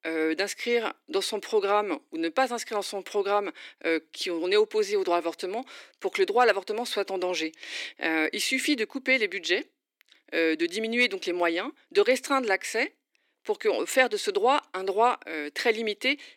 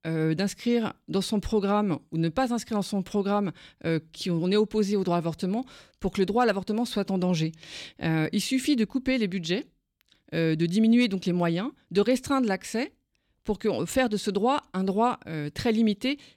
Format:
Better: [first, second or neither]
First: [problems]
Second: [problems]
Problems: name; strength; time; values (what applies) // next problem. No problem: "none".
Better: second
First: thin; very; fading below 300 Hz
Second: none